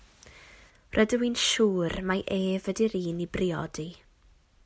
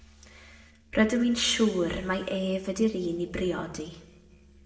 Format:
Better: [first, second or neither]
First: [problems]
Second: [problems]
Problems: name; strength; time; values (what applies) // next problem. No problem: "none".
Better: first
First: none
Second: noise reduction (neural separator model SepFormer DNS4)